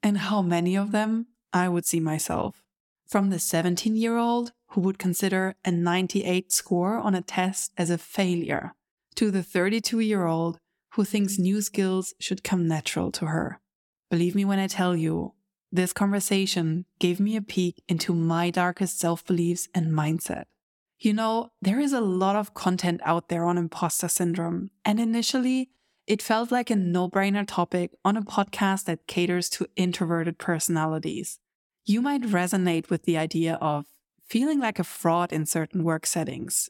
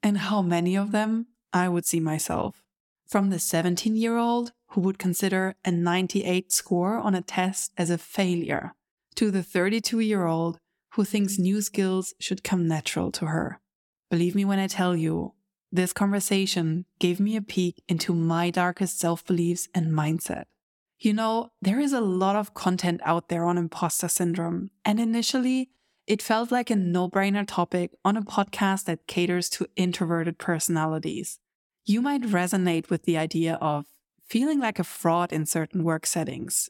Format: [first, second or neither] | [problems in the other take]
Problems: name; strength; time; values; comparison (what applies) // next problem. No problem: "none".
neither | none